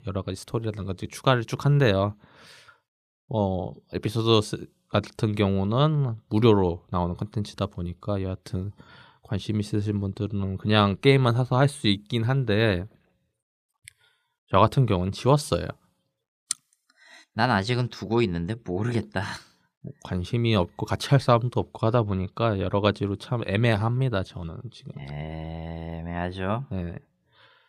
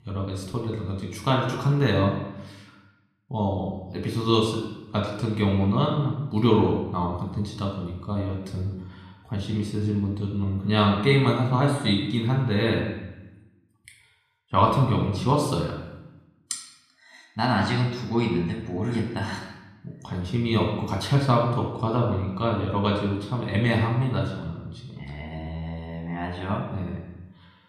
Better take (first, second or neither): first